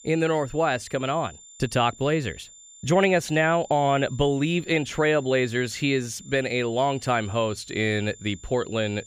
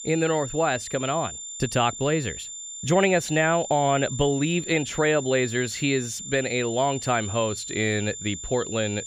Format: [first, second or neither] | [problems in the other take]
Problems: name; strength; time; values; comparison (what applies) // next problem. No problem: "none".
first | high-pitched whine; loud; throughout; 7 kHz, 9 dB below the speech; faint in the first